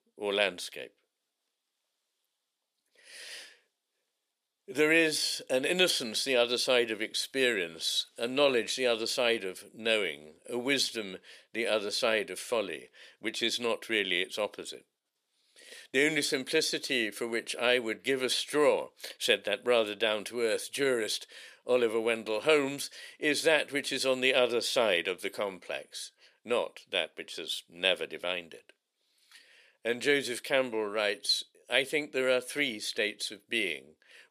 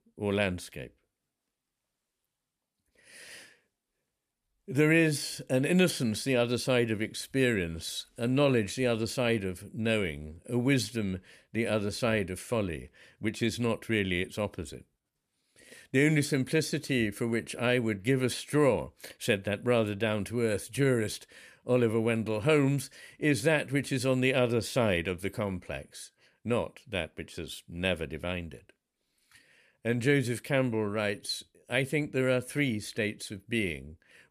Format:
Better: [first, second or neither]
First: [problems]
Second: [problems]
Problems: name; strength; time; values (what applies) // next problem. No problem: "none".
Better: second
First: thin; somewhat; fading below 450 Hz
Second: none